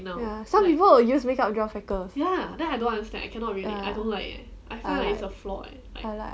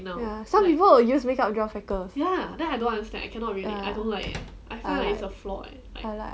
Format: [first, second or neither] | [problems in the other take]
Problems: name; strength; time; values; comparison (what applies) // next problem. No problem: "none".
first | background sound (Slam); 19 dB below the speech